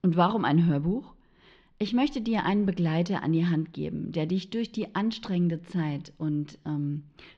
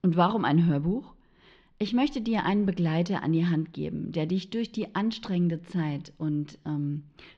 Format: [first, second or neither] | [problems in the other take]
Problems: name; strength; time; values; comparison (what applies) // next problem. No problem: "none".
neither | muffled; very slightly; fading above 4.5 kHz; the same in both